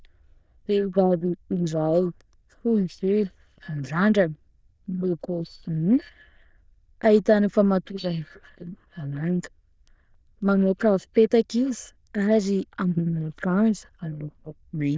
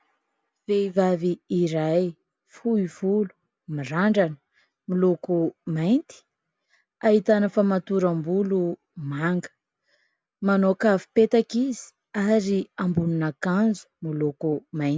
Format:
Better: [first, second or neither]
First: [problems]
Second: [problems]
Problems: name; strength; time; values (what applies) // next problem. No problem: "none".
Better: second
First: noise reduction (neural diffusion model UNIVERSE++)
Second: none